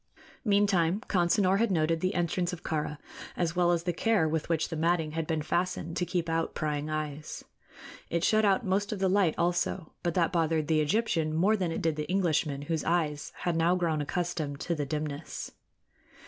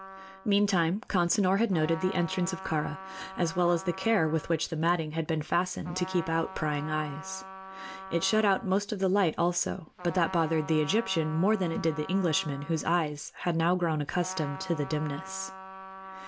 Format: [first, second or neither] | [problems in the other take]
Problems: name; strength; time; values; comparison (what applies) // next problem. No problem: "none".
first | background sound (Trumpet); 15 dB below the speech